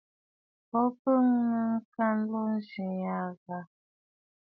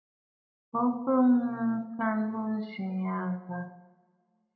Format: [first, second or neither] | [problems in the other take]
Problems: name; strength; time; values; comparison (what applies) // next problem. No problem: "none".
first | room echo; dies away in 0.8 s